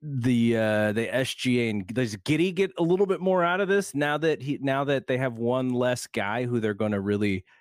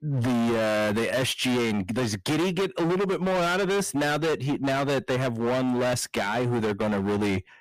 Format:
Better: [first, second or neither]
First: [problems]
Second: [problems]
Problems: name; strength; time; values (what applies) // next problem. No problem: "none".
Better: first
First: none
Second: distortion; heavy; 36% of the sound clipped